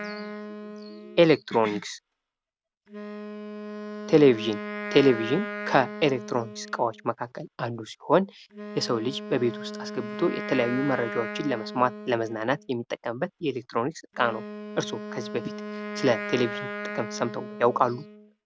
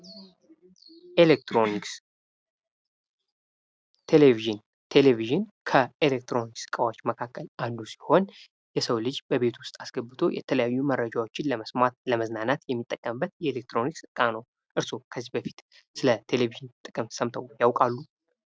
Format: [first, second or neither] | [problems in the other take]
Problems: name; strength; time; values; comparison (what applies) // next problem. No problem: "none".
second | background sound (Wind instrument, woodwind instrument); 10 dB below the speech